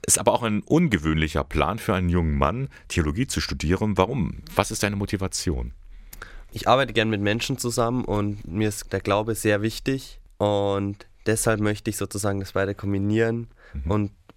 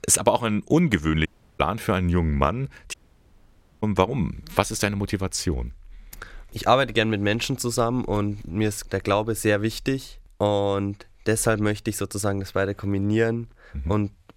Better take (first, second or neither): first